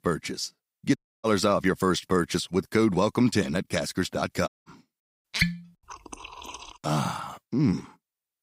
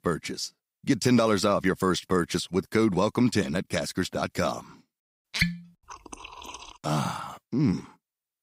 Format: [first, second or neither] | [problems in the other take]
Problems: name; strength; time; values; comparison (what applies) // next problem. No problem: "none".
second | audio cutting out; at 1 s and at 4.5 s